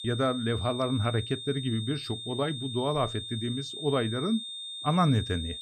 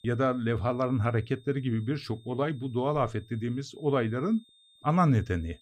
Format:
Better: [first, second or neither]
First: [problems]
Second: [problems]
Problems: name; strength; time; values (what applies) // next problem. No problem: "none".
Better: second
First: high-pitched whine; loud; throughout; 3.5 kHz, 7 dB below the speech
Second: high-pitched whine; faint; throughout; 3.5 kHz, 30 dB below the speech